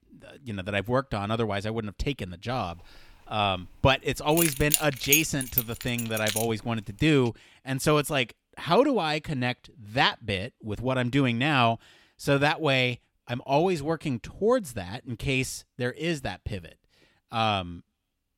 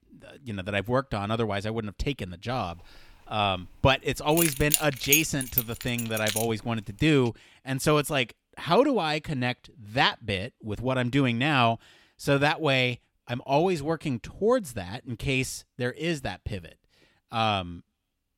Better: neither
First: jangling keys; loud; from 4.5 to 6.5 s; peak 3 dB above the speech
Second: jangling keys; loud; from 4.5 to 6.5 s; peak 3 dB above the speech

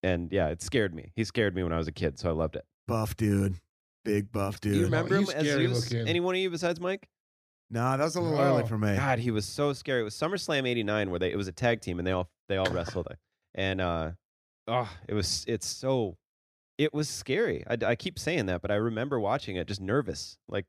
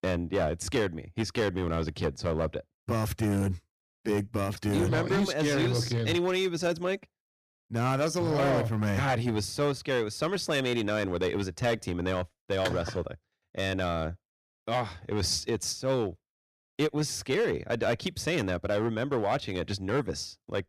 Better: first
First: none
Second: distortion; slight; 7% of the sound clipped

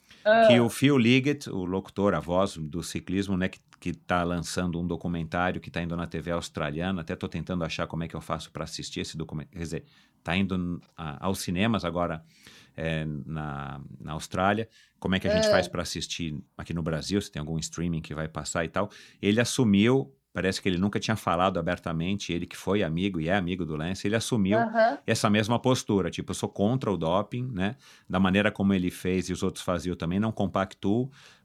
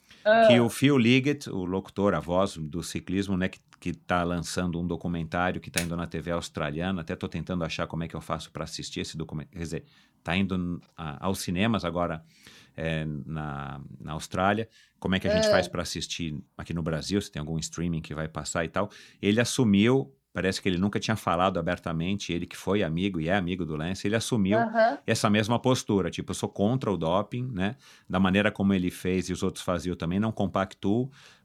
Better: first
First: none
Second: keyboard typing; noticeable; at 6 s; peak 5 dB below the speech

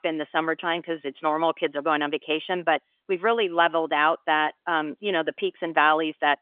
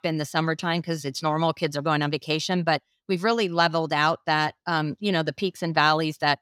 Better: second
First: phone-call audio; nothing above 3.5 kHz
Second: none

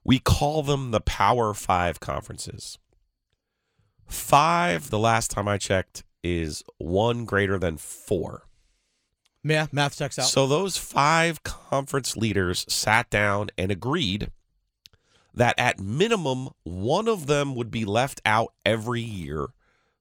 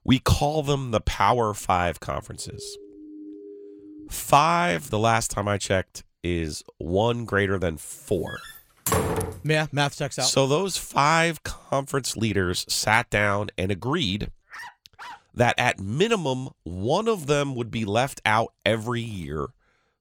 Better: first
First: none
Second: siren; faint; from 2.5 to 4 s; peak 15 dB below the speech // door banging; loud; from 8.5 to 9.5 s; peak level with the speech // dog barking; faint; at 15 s; peak 15 dB below the speech

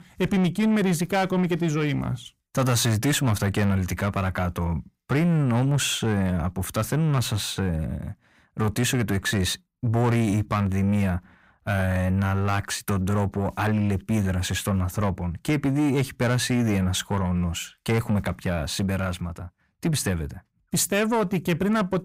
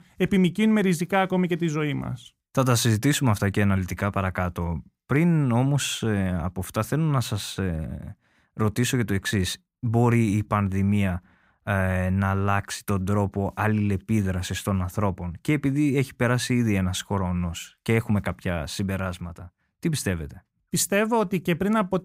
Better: second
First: distortion; slight; 10 dB below the speech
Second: none

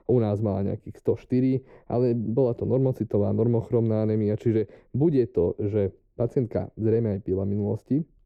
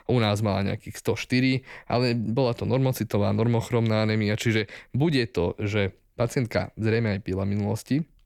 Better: second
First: muffled; very; fading above 1 kHz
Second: none

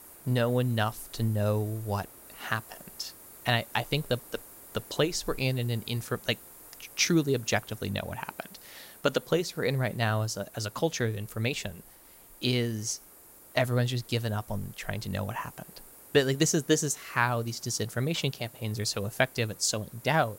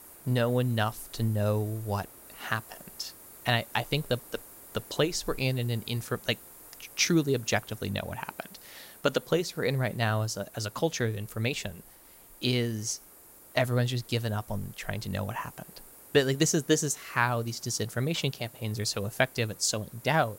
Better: neither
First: hiss; noticeable; throughout; 20 dB below the speech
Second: hiss; noticeable; throughout; 20 dB below the speech

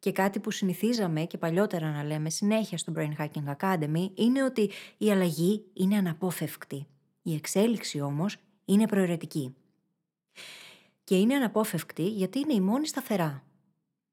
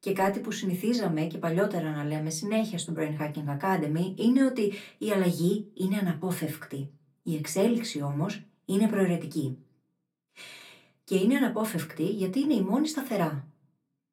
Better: first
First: none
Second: off-mic speech; far // room echo; very slight; dies away in 0.2 s

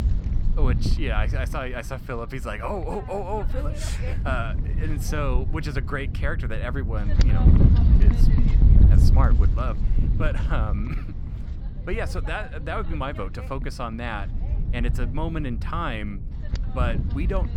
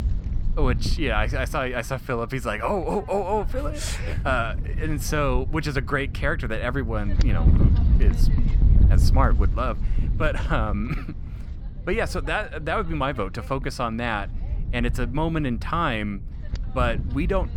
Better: second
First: wind noise on the microphone; heavy; 7 dB below the speech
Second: wind noise on the microphone; occasional gusts; 15 dB below the speech

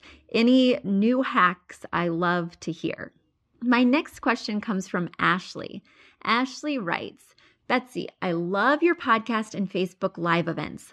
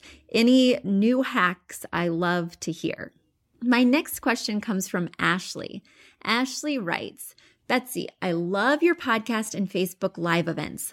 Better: second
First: muffled; very slightly; fading above 4.5 kHz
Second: none

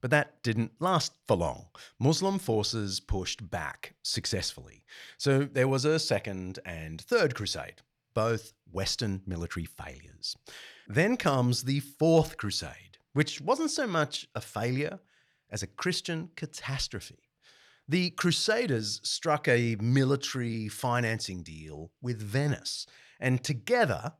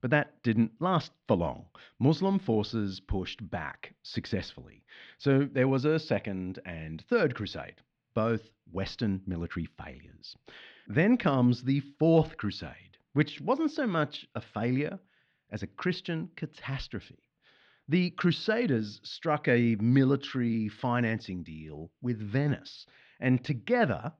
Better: first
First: none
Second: muffled; slightly; fading above 3.5 kHz

